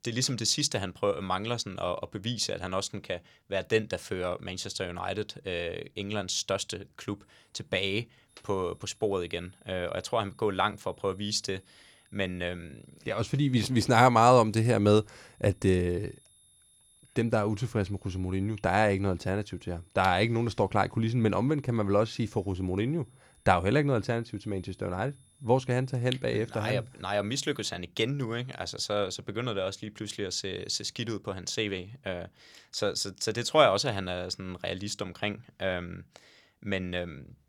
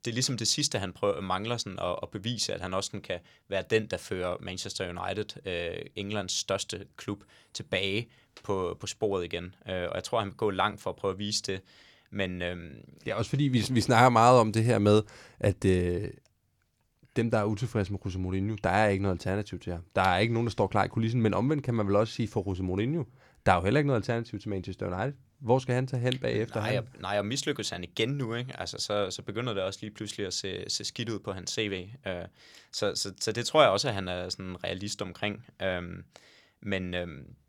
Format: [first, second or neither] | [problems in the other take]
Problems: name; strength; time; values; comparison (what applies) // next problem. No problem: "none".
second | high-pitched whine; faint; from 8.5 to 28 s; 11 kHz, 35 dB below the speech